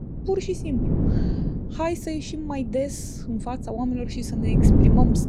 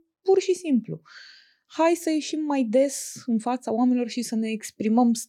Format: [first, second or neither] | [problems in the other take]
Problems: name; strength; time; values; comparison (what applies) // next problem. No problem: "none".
second | wind noise on the microphone; heavy; 1 dB below the speech